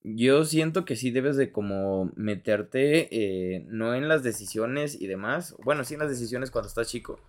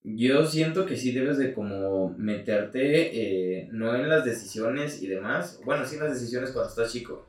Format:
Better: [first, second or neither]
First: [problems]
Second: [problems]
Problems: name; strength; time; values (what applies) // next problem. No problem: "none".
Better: first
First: none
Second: room echo; noticeable; dies away in 0.2 s // off-mic speech; far